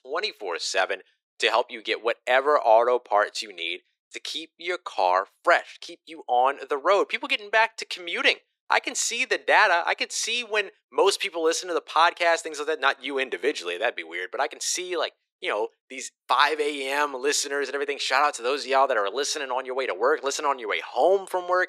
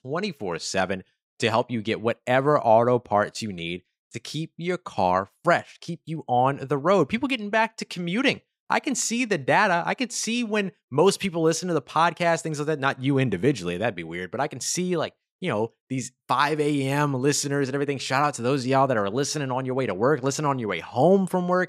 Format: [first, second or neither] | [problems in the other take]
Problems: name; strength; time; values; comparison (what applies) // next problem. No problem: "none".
second | thin; very; fading below 350 Hz